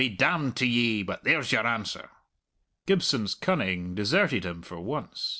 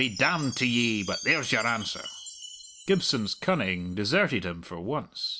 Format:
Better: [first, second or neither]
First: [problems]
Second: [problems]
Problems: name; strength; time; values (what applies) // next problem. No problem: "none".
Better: first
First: none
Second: background sound (Chime); 14 dB below the speech